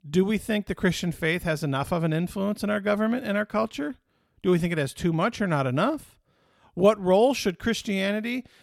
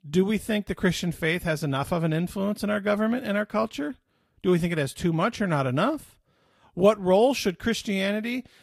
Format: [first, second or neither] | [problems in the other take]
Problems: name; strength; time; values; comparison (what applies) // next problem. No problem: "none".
first | garbled, watery; slightly; nothing above 13.5 kHz